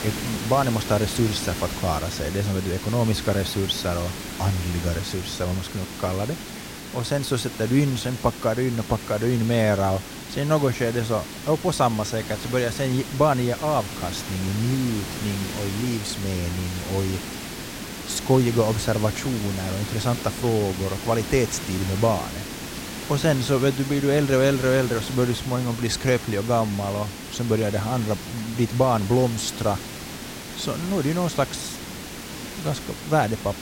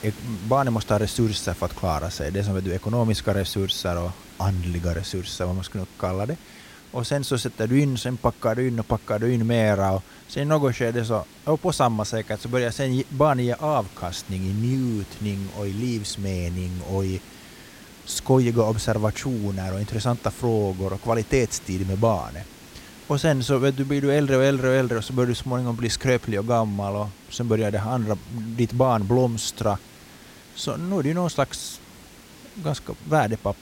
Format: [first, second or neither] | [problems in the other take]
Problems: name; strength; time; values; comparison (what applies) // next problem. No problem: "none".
second | hiss; loud; throughout; 9 dB below the speech; faint in the second